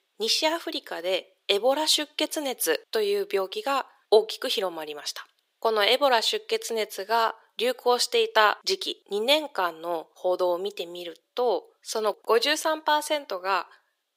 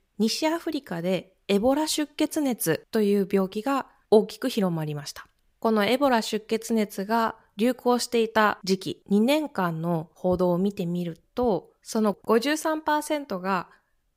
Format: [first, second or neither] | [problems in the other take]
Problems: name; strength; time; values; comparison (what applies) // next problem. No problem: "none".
second | thin; very; fading below 400 Hz